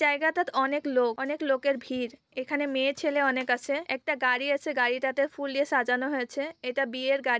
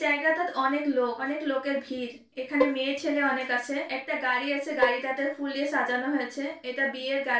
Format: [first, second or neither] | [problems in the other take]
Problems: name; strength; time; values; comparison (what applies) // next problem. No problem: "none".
first | noise reduction (neural separator model SepFormer DNS4)